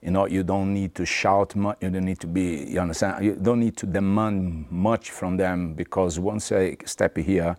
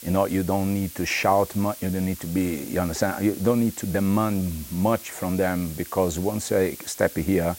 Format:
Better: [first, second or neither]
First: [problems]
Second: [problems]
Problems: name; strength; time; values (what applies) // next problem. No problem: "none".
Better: first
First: none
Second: hiss; noticeable; throughout; 15 dB below the speech